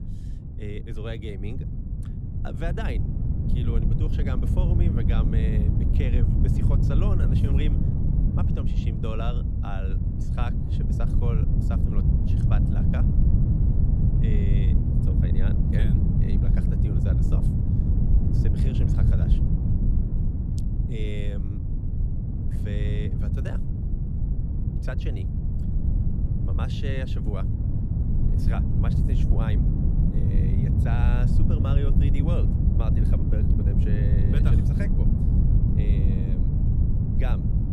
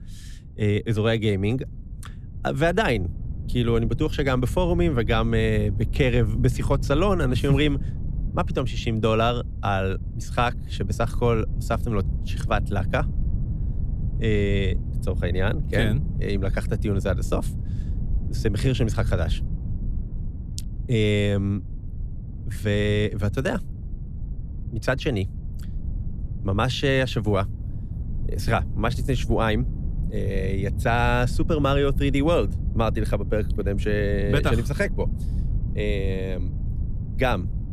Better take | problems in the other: second | wind noise on the microphone; heavy; 2 dB above the speech; occasional gusts in the second

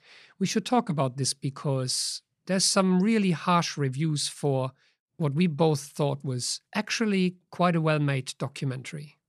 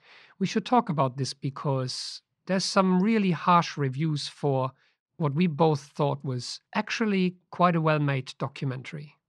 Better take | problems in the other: first | muffled; very slightly; fading above 4.5 kHz

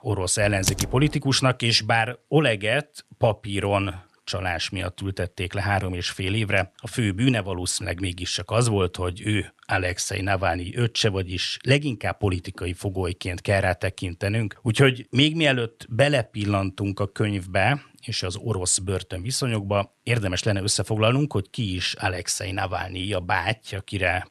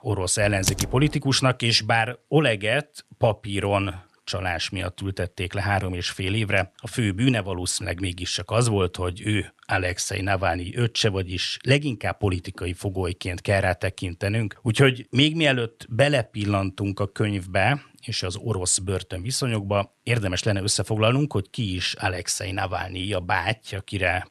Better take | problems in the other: neither | keyboard typing; noticeable; at 0.5 s; peak 2 dB below the speech; the same in both

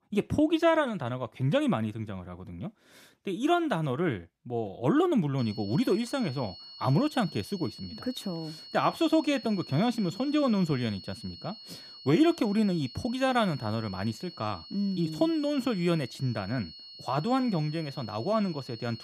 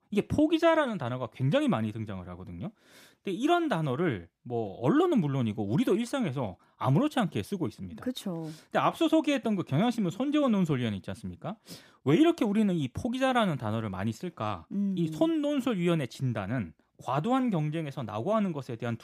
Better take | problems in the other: second | high-pitched whine; noticeable; from 5.5 s on; 4.5 kHz, 15 dB below the speech

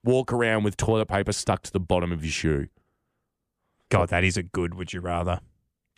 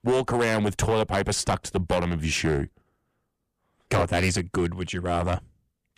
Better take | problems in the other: first | distortion; heavy; 7% of the sound clipped

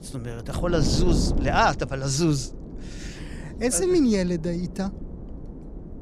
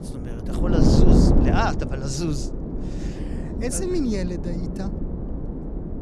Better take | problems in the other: first | wind noise on the microphone; heavy; 1 dB below the speech; occasional gusts in the first

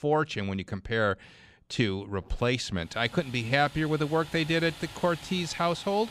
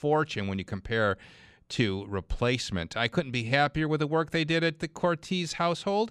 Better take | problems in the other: second | household noises; noticeable; throughout; 15 dB below the speech

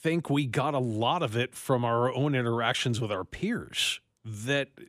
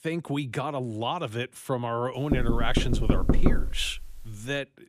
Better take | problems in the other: first | door banging; loud; from 2.5 to 4 s; peak 7 dB above the speech

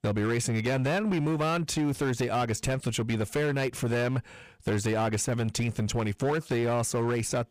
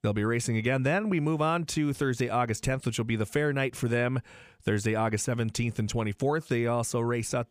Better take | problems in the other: second | distortion; slight; 16% of the sound clipped

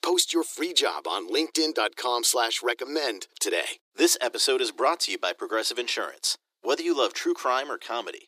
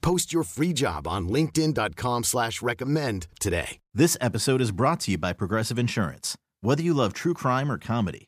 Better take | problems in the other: second | thin; very; fading below 350 Hz

